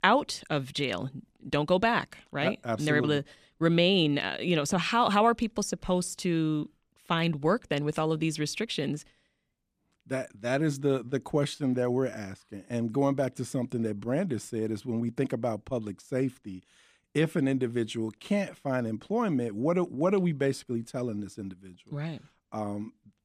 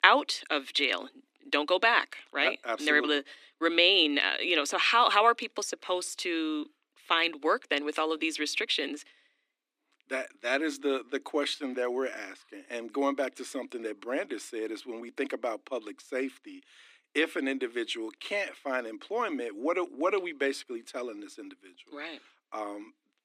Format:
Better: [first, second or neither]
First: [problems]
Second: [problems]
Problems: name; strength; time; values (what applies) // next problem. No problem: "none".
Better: first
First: none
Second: thin; somewhat; fading below 300 Hz